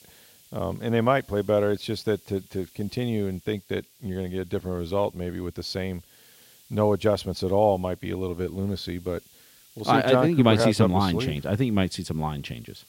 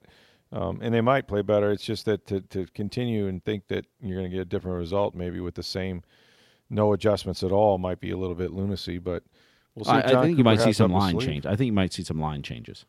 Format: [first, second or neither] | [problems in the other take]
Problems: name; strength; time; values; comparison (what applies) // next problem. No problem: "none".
second | hiss; faint; throughout; 25 dB below the speech